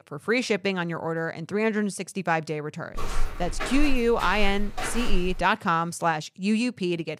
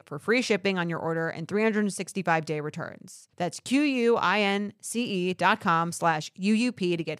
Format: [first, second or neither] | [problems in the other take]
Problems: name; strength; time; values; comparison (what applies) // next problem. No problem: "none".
second | footsteps; noticeable; from 3 to 5.5 s; peak 5 dB below the speech